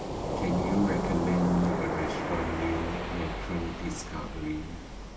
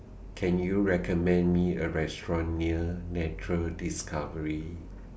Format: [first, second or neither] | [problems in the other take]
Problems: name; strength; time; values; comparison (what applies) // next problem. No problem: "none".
second | background sound (Waves, surf); 2 dB below the speech // room echo; dies away in 0.2 s